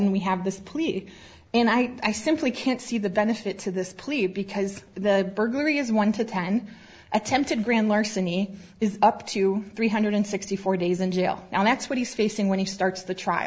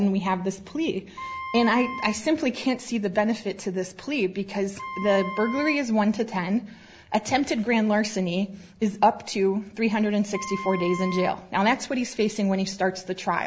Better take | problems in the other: first | background sound (Wind instrument, woodwind instrument); 10 dB below the speech

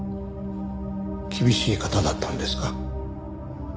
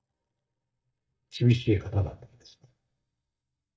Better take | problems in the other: first | noise reduction (neural mask model DeepFilterNet 3)

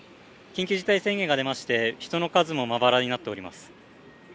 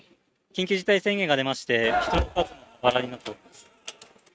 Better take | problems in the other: first | noise reduction (neural mask model RNNoise)

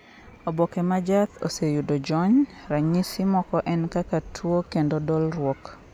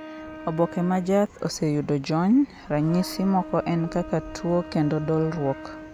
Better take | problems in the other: first | background sound (Wind instrument, woodwind instrument); 16 dB below the speech

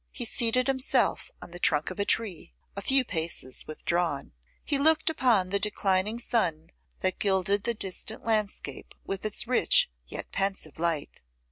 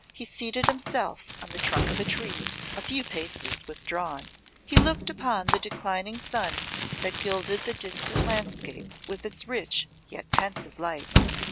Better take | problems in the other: first | background sound (Slam + Crumpling, crinkling); 2 dB above the speech

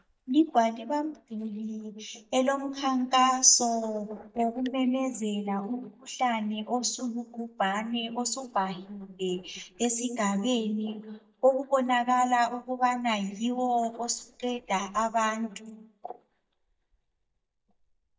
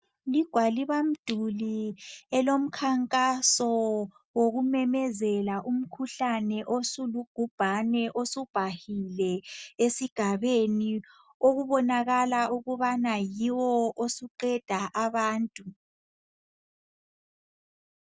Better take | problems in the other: second | noise reduction (neural mask model DeepFilterNet 3)

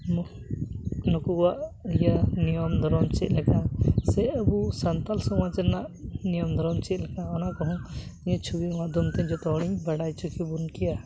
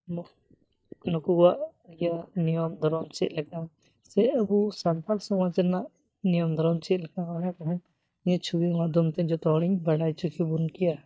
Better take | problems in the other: first | noise reduction (neural mask model DeepFilterNet 3)

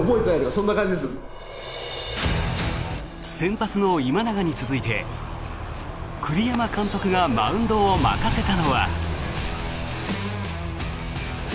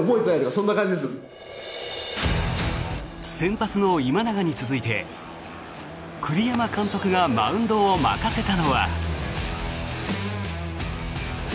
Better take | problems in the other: second | background sound (Animal); 9 dB below the speech

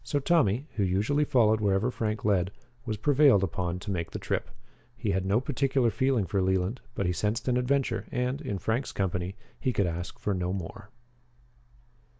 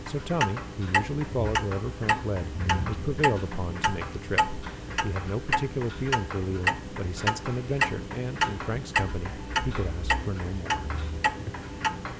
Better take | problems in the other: first | background sound (Clock); 2 dB above the speech

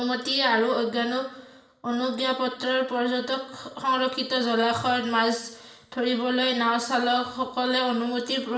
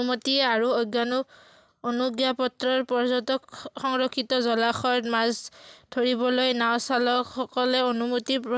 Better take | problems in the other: second | room echo; dies away in 0.8 s

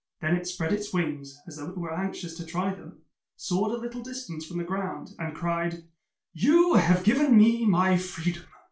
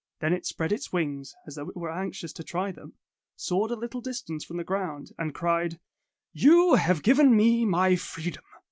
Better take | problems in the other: second | room echo; dies away in 0.3 s

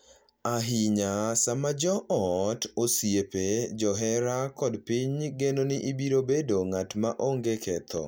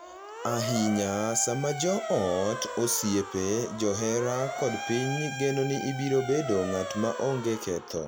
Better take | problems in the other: first | background sound (Motor vehicle (road) / Siren); 8 dB below the speech

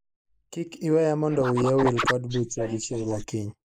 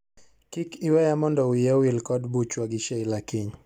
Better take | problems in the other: second | noise reduction (neural mask model Resemble Enhance denoiser)

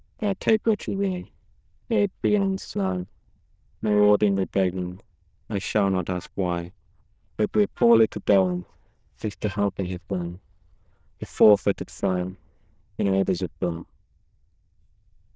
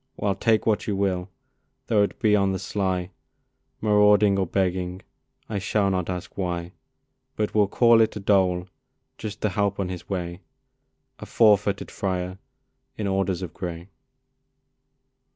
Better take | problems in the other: second | noise reduction (neural diffusion model UNIVERSE++)

